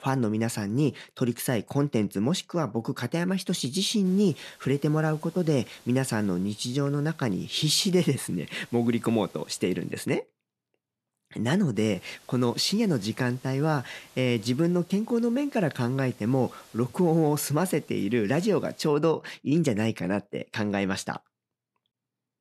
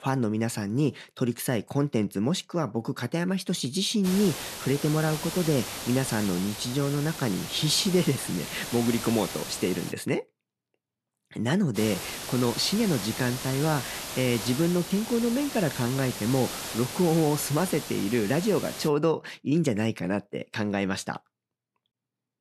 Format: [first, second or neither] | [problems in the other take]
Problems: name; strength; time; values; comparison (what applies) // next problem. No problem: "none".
first | hiss; loud; from 4 to 10 s and from 12 to 19 s; 8 dB below the speech; faint in the first